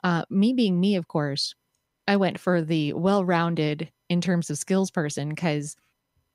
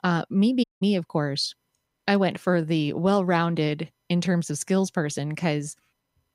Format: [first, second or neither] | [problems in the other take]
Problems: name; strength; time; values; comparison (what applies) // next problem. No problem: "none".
first | audio cutting out; at 0.5 s